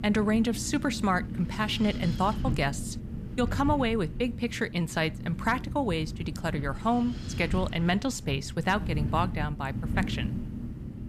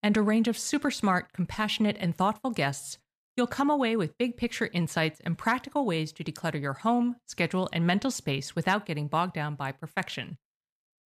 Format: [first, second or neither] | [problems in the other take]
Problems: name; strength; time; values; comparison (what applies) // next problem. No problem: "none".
second | wind noise on the microphone; occasional gusts; 15 dB below the speech